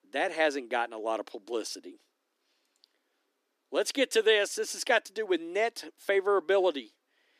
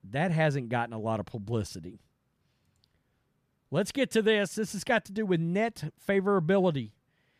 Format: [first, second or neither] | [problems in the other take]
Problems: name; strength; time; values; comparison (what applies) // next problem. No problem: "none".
second | thin; somewhat; fading below 300 Hz